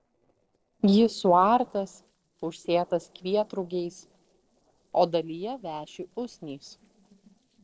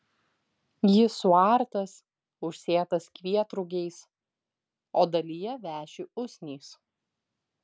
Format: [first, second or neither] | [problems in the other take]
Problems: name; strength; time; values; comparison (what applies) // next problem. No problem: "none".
second | noise reduction (neural separator model SepFormer DNS4)